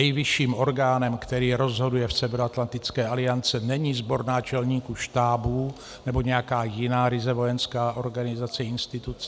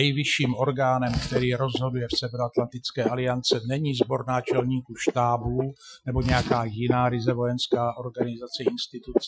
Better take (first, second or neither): first